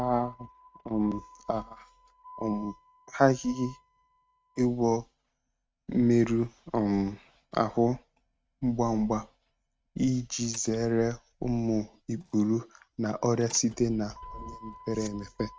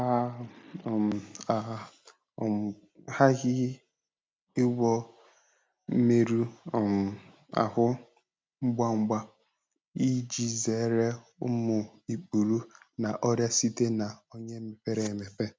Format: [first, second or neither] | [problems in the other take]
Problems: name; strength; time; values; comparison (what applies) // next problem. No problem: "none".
second | noise reduction (neural mask model RNNoise)